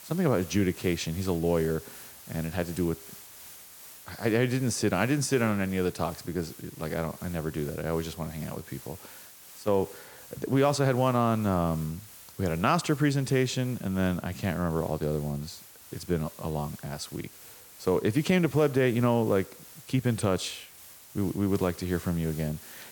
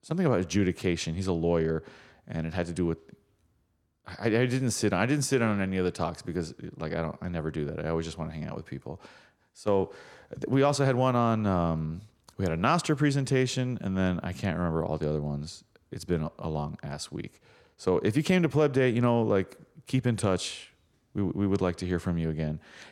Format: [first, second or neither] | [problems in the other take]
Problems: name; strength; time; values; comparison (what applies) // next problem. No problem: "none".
second | hiss; noticeable; throughout; 15 dB below the speech